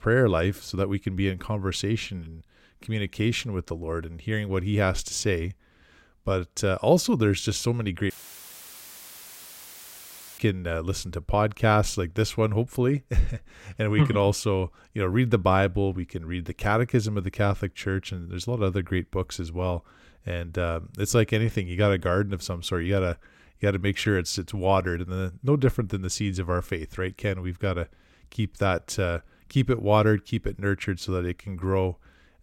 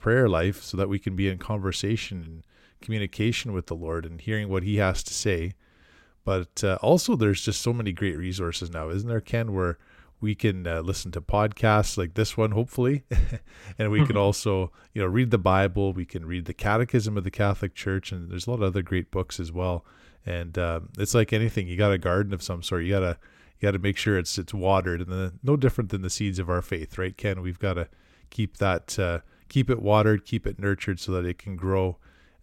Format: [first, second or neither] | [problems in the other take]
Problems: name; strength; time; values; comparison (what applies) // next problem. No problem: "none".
second | audio cutting out; filled with static; at 8 s for 2.5 s